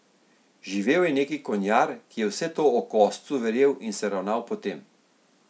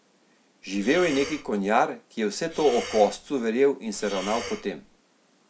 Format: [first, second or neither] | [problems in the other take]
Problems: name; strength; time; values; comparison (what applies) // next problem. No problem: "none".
first | background sound (Breathing); 13 dB below the speech